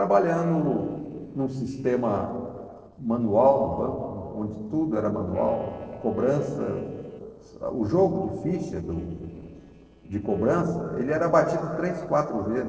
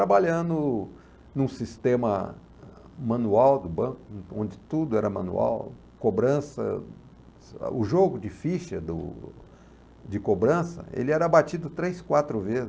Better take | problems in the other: second | noise reduction (neural separator model SepFormer DNS4)

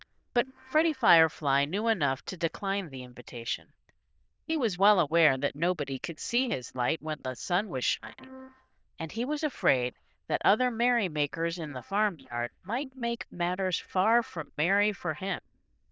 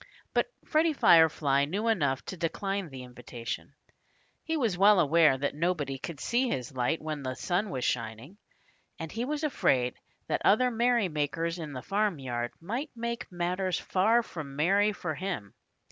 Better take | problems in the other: second | noise reduction (neural diffusion model UNIVERSE++)

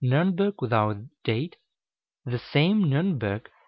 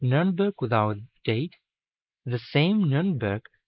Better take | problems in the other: first | noise reduction (neural mask model Resemble Enhance denoiser)

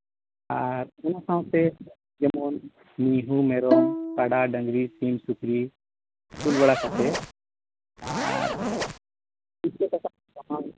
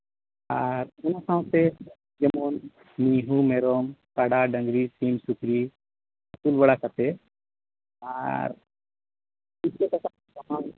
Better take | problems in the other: second | background sound (Zipper (clothing) + Bowed string instrument); 1 dB below the speech

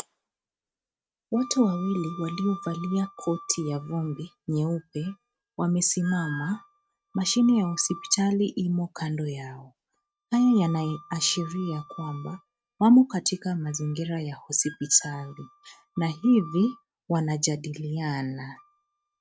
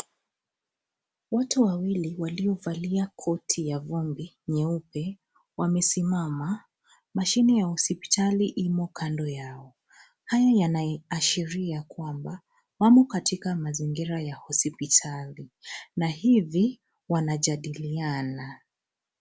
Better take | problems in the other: second | noise reduction (neural mask model RNNoise)

